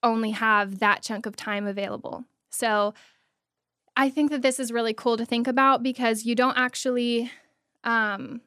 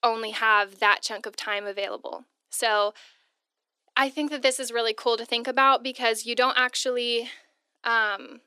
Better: first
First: none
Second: thin; somewhat; fading below 350 Hz

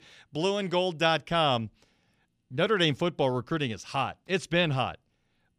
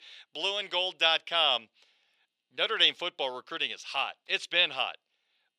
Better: first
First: none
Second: thin; very; fading below 600 Hz

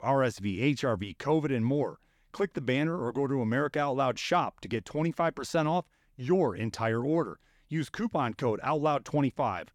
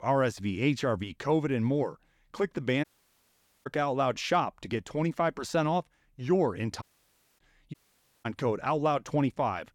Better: first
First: none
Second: audio cutting out; at 3 s for 1 s, at 7 s for 0.5 s and at 7.5 s for 0.5 s

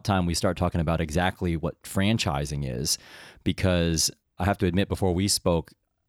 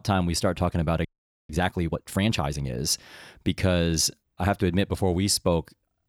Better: first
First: none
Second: audio freezing; at 1 s

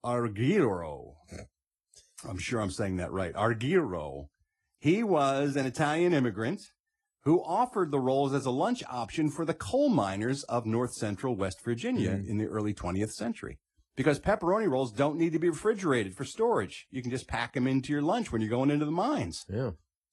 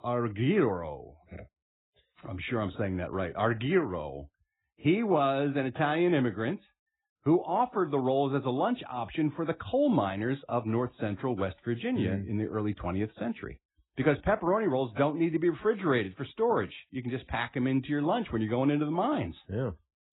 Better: first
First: garbled, watery; slightly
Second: garbled, watery; badly; nothing above 4 kHz

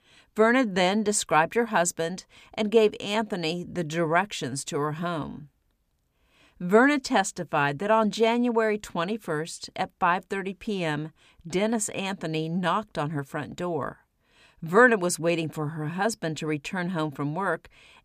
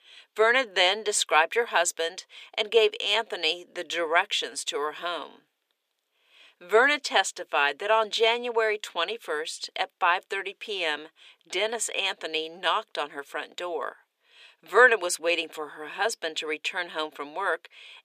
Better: first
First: none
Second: thin; very; fading below 400 Hz

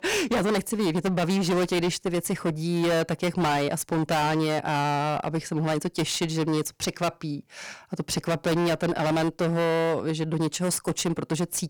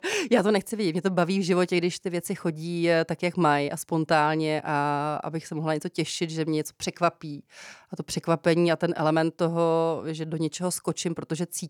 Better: second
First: distortion; heavy; 26% of the sound clipped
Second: none

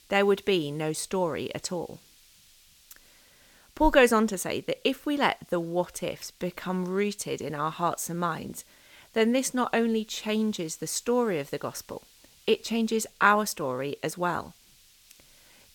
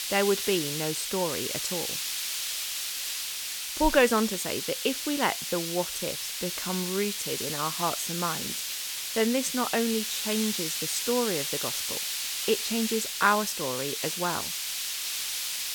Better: first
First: hiss; faint; throughout; 30 dB below the speech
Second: hiss; loud; throughout; 1 dB below the speech

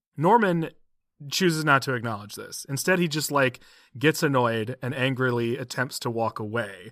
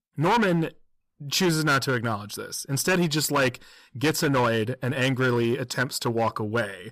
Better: first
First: none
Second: distortion; heavy; 9% of the sound clipped

